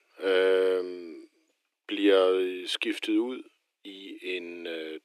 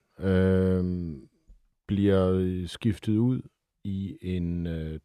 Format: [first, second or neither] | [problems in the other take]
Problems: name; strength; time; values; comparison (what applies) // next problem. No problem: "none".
second | thin; very; fading below 300 Hz